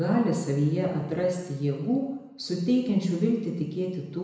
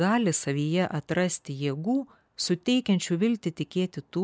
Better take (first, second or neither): second